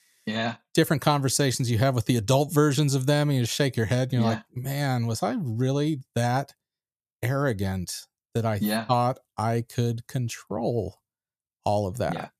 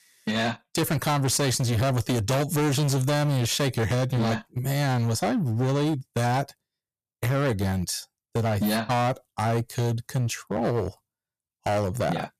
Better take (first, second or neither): first